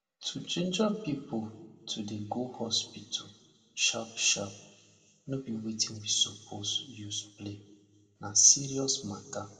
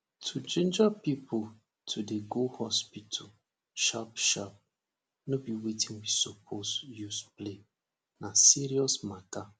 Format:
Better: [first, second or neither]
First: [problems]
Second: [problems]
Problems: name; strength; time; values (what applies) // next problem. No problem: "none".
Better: second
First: room echo; dies away in 1.2 s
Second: none